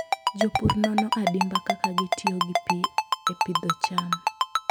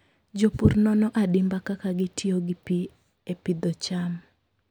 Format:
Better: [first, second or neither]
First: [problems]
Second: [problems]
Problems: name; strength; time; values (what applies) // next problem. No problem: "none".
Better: second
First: background sound (Ringtone); 3 dB above the speech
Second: none